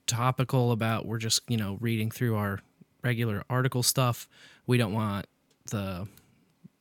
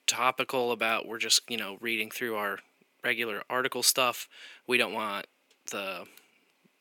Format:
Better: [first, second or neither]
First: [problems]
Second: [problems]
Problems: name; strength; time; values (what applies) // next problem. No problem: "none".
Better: first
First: none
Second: thin; very; fading below 350 Hz